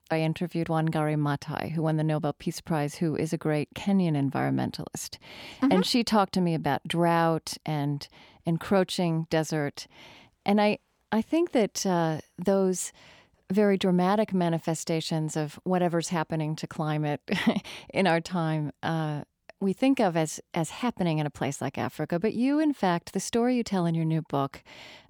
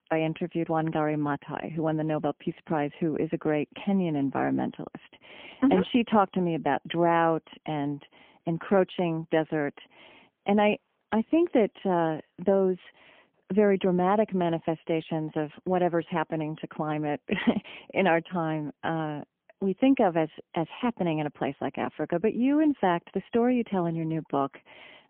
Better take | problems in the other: first | phone-call audio; poor line; nothing above 3 kHz

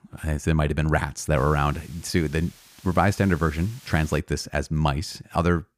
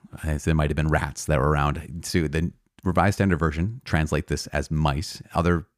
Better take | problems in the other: second | hiss; faint; from 1.5 to 4 s; 25 dB below the speech

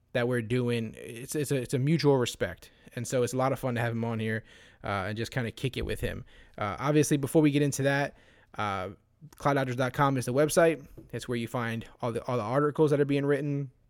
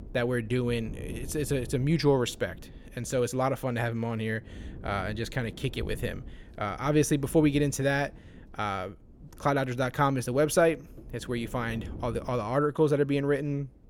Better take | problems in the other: first | wind noise on the microphone; occasional gusts; 25 dB below the speech

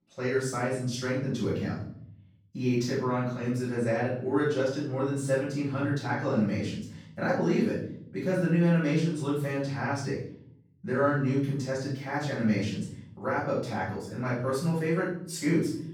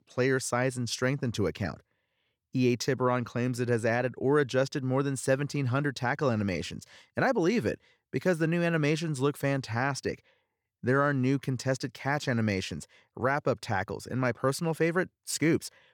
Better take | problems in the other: second | room echo; noticeable; dies away in 0.7 s // off-mic speech; far

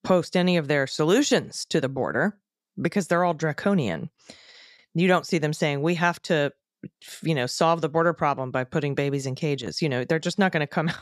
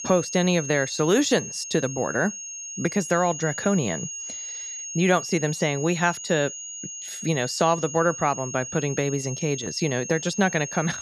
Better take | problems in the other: first | high-pitched whine; loud; throughout; 6.5 kHz, 8 dB below the speech

